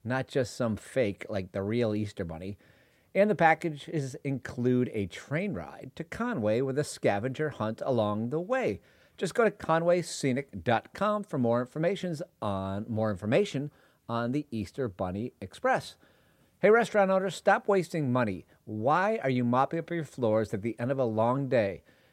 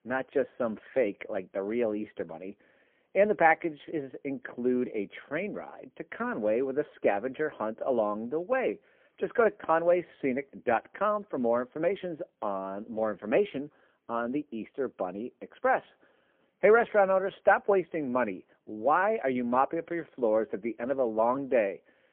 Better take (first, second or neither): first